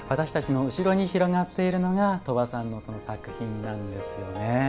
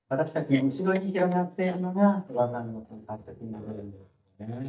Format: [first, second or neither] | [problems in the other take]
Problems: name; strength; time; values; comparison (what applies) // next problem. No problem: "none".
first | noise reduction (neural mask model DeepFilterNet 3)